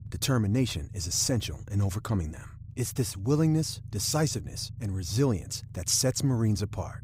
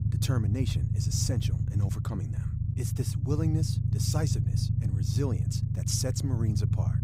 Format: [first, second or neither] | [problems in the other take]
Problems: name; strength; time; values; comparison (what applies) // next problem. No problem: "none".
first | low rumble; loud; throughout; 4 dB below the speech; faint in the first